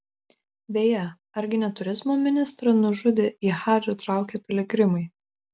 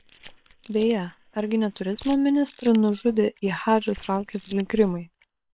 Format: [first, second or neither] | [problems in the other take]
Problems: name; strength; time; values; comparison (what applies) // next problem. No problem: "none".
first | noise reduction (neural separator model SepFormer WHAM!)